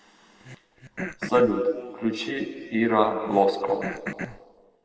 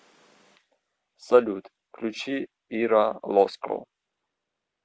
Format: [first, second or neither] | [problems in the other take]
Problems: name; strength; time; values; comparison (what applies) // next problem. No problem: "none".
second | background sound (Cough); 12 dB below the speech // room echo; dies away in 1.8 s